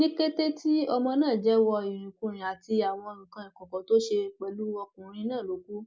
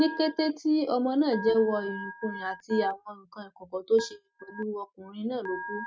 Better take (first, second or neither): first